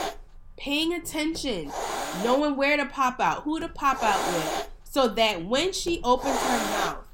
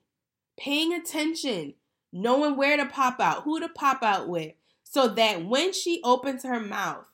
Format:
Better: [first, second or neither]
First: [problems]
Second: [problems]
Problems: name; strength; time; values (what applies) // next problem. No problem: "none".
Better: second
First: hiss; loud; throughout; 4 dB below the speech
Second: none